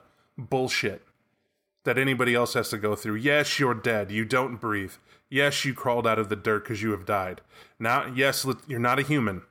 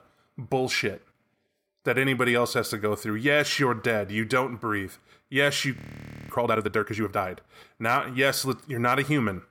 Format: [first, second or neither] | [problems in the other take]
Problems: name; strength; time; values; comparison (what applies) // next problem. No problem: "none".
first | audio freezing; at 6 s for 0.5 s